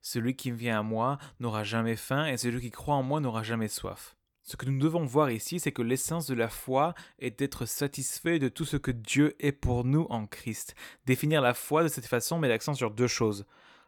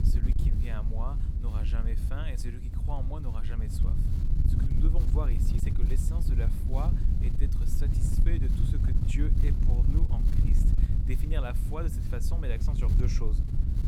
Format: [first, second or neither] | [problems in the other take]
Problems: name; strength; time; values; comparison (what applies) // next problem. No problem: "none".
first | wind noise on the microphone; heavy; 1 dB below the speech